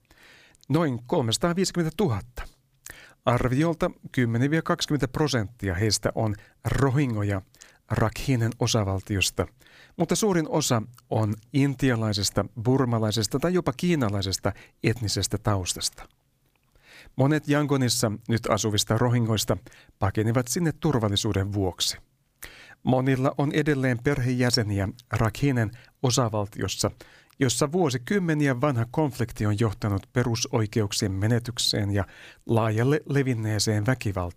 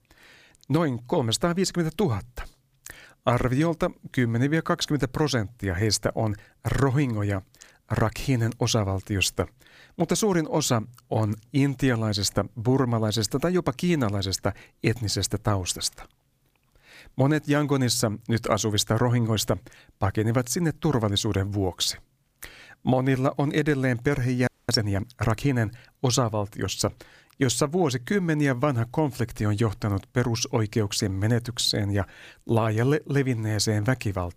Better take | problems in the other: first | audio freezing; at 24 s

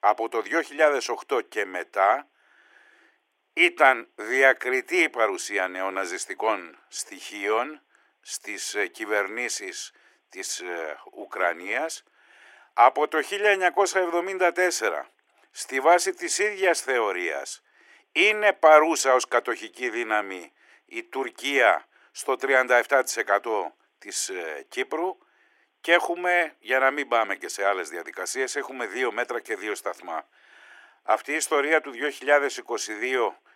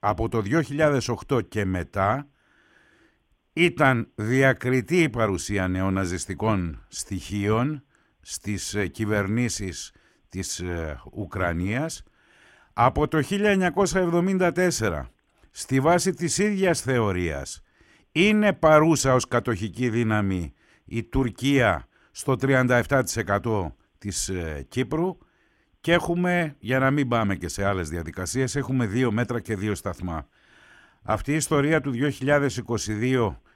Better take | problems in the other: second | thin; very; fading below 350 Hz

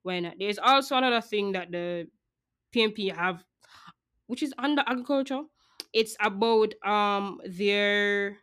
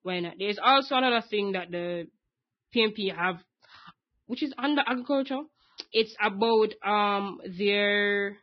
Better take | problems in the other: first | garbled, watery; badly

